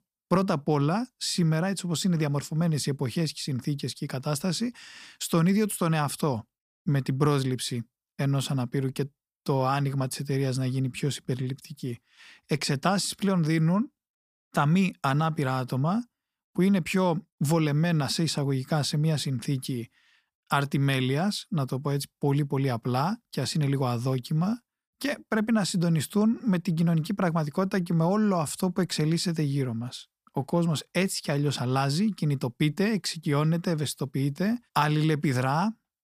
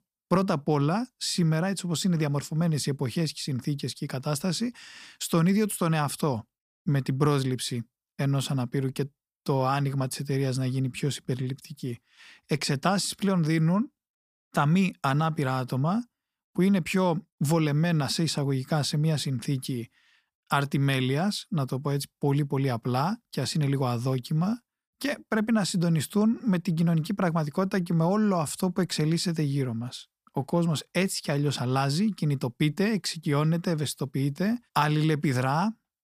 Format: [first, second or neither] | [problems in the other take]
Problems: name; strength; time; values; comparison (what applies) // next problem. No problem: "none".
neither | none